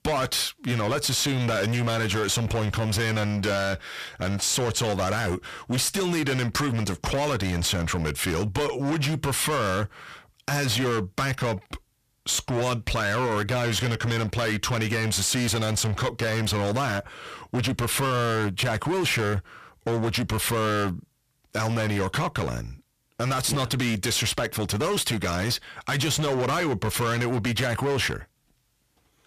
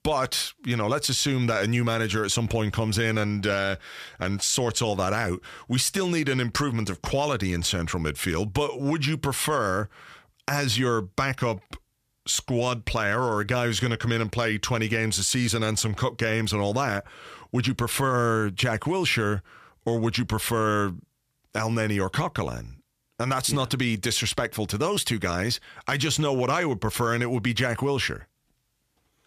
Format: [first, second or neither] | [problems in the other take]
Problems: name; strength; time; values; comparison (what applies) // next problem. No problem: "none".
second | distortion; heavy; 25% of the sound clipped